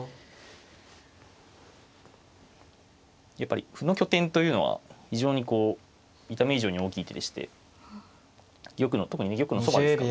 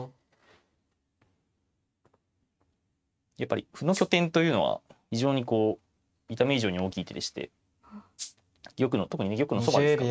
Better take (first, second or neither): first